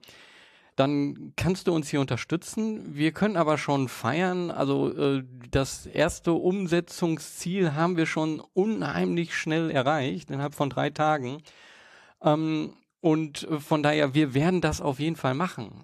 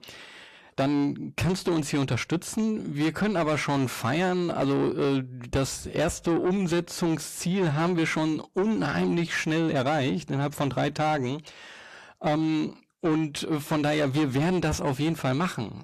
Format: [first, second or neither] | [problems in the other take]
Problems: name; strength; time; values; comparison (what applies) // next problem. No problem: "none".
first | distortion; heavy; 8 dB below the speech